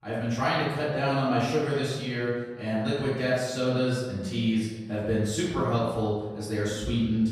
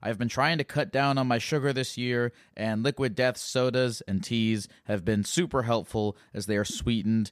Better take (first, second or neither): second